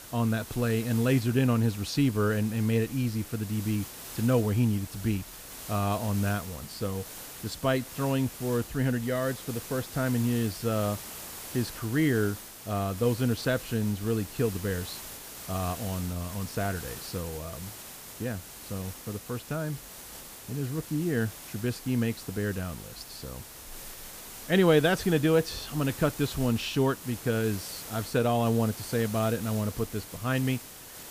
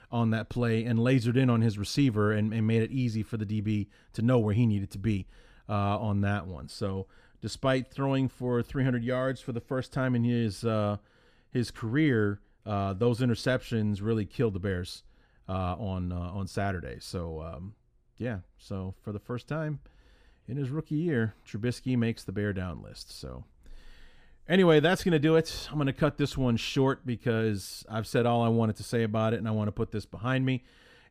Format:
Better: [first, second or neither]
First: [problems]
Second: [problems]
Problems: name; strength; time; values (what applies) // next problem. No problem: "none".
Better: second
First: hiss; noticeable; throughout; 10 dB below the speech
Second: none